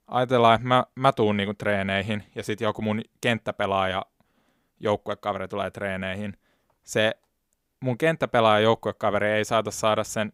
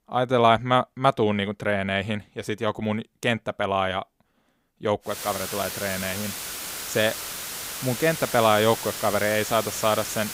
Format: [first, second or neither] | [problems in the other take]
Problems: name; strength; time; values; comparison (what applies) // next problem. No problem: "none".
first | hiss; loud; from 5 s on; 7 dB below the speech